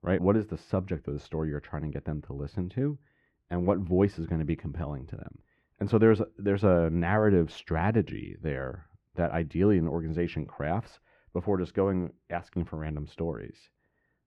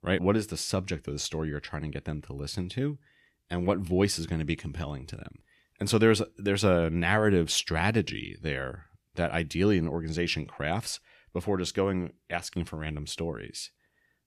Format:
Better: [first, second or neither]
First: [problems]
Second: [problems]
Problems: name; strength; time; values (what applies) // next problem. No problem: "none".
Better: second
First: muffled; very; fading above 3 kHz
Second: none